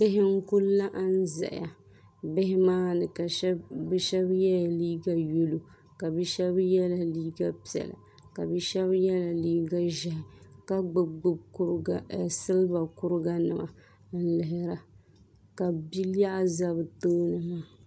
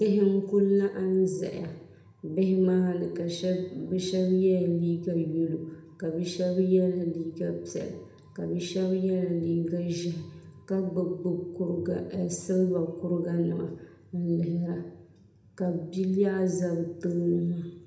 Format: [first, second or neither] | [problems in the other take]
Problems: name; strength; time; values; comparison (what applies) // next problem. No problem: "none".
first | room echo; dies away in 0.8 s